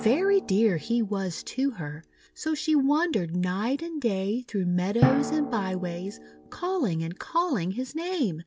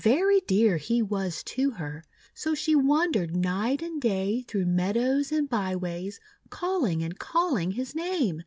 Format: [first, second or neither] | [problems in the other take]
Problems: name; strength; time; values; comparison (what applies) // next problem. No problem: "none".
second | background sound (Drum); 10 dB below the speech